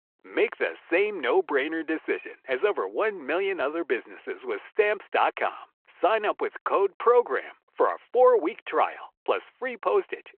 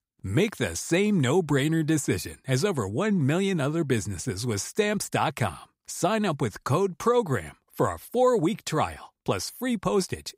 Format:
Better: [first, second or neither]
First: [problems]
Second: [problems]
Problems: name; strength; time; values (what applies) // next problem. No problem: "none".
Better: second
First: phone-call audio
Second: none